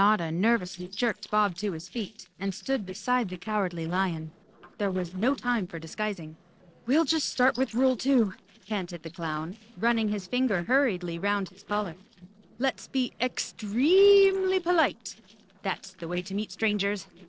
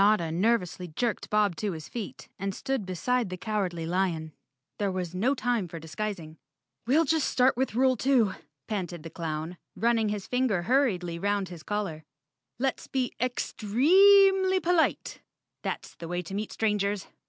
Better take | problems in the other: second | noise reduction (neural separator model SepFormer DNS4)

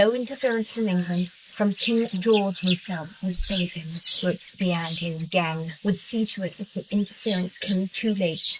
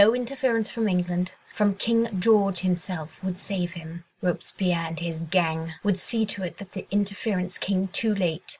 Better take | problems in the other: second | noise reduction (neural mask model Resemble Enhance denoiser)

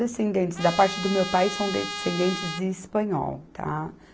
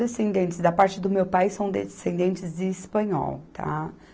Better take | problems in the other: second | background sound (Trumpet); 8 dB below the speech

